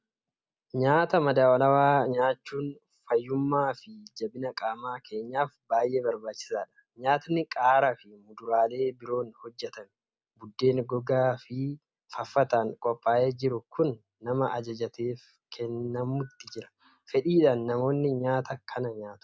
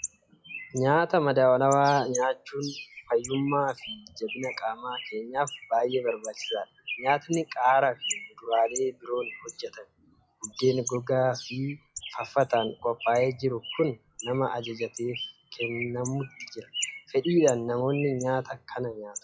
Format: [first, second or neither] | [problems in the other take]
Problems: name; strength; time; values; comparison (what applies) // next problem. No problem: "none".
first | noise reduction (classical method log-MMSE)